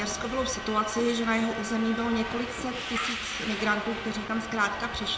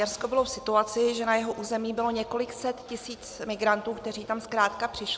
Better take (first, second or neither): second